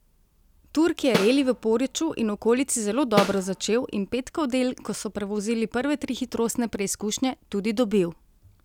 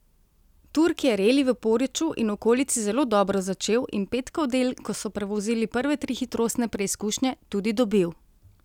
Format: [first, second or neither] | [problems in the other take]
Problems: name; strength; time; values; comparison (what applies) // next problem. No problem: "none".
second | background sound (Snare drum); 5 dB below the speech